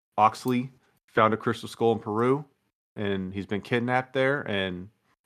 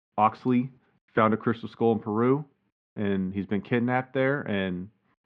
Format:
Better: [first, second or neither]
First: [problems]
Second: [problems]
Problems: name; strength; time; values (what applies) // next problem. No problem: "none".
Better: first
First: none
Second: muffled; slightly; fading above 3 kHz